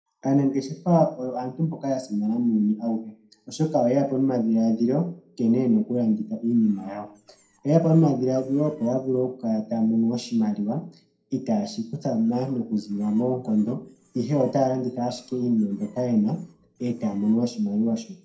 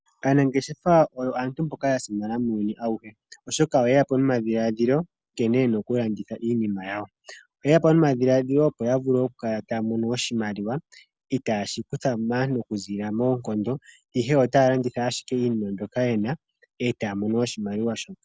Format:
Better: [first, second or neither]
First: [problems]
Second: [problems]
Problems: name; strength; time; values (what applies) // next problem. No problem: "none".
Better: second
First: noise reduction (neural separator model SepFormer DNS4)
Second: none